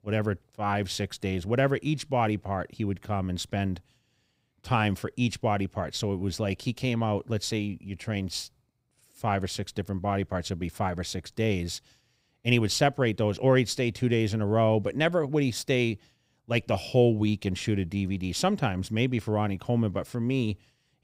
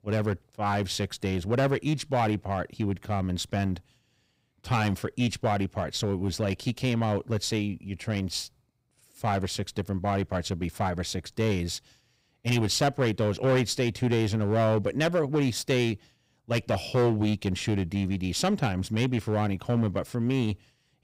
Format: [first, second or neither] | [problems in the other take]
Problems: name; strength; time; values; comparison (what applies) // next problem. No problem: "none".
first | distortion; slight; 5% of the sound clipped